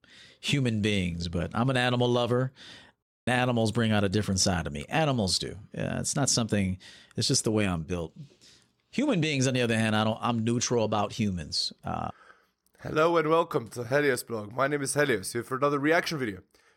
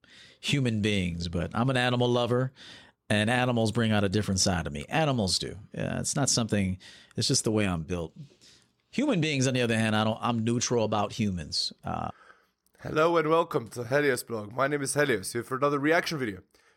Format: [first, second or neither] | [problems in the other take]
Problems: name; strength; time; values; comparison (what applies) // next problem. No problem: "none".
second | audio cutting out; at 3 s